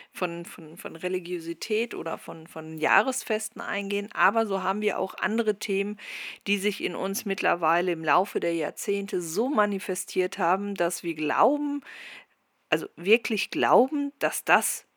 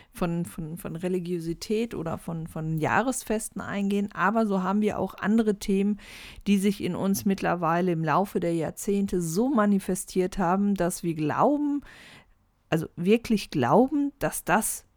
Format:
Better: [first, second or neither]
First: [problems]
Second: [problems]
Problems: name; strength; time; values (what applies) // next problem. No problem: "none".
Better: second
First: thin; somewhat; fading below 350 Hz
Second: none